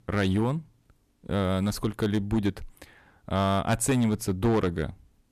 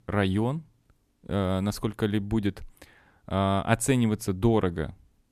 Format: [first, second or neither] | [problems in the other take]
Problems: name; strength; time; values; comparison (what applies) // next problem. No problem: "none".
second | distortion; slight; 6% of the sound clipped